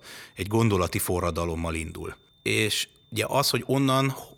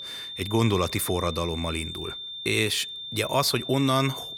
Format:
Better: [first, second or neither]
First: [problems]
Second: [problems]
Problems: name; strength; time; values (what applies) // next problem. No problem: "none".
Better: first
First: high-pitched whine; faint; throughout; 3.5 kHz, 35 dB below the speech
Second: high-pitched whine; loud; throughout; 3.5 kHz, 8 dB below the speech